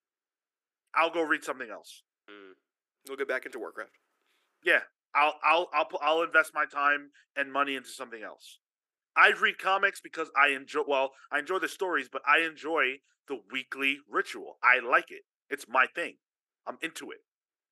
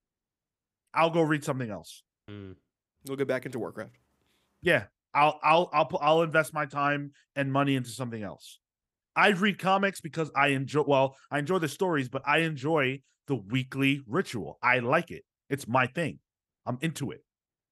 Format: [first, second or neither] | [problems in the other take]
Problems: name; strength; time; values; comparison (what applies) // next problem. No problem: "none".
second | thin; somewhat; fading below 350 Hz